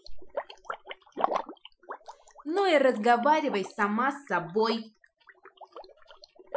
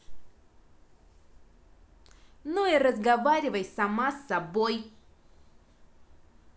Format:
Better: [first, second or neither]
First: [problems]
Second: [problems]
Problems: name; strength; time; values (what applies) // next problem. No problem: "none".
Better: second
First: noise reduction (classical method Wiener filter)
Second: none